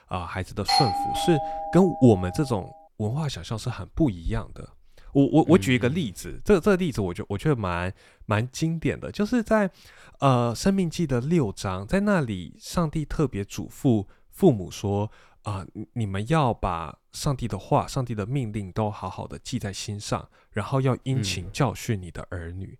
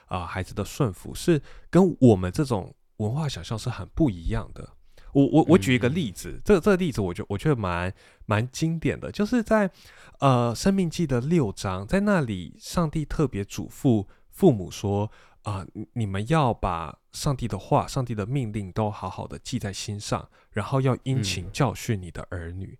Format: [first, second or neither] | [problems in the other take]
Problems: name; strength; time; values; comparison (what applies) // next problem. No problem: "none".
second | doorbell; loud; from 0.5 to 2 s; peak 4 dB above the speech